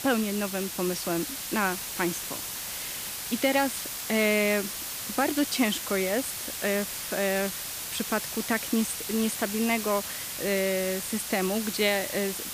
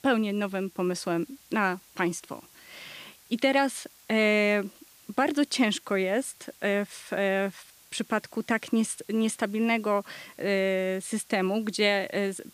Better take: second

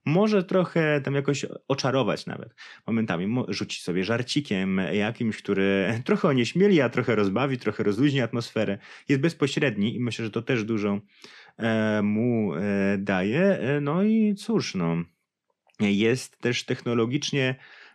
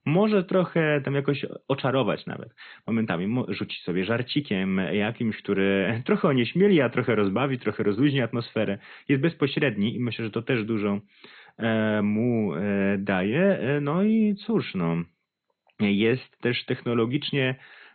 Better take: first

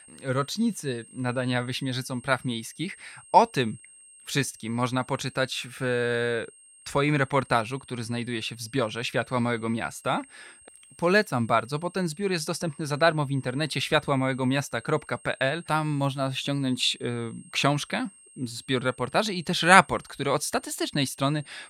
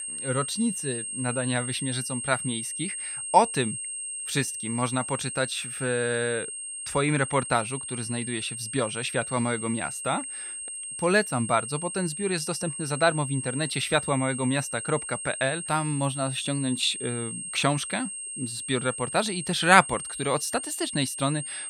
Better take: first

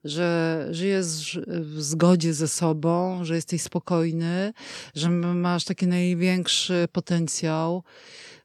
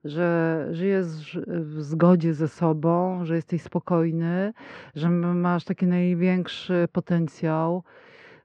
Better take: first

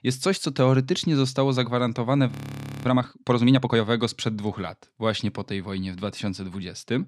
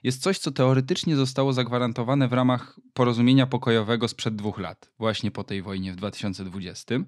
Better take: second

